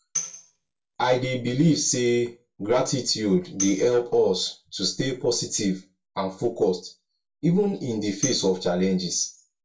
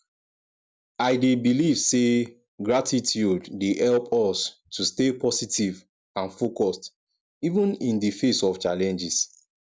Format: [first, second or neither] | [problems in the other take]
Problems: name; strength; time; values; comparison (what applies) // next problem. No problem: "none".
second | background sound (Tambourine); 12 dB below the speech // room echo; dies away in 0.2 s